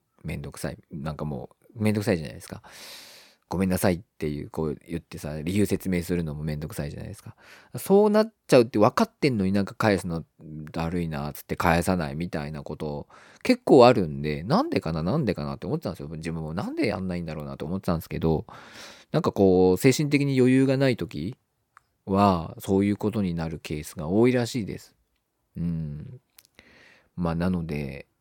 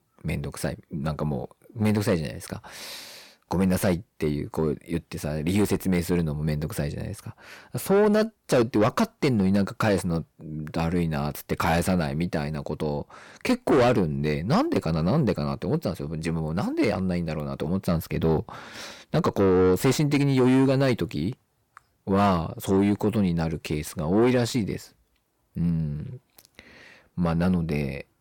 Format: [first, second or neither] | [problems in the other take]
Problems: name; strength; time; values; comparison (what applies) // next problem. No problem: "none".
first | distortion; heavy; 7 dB below the speech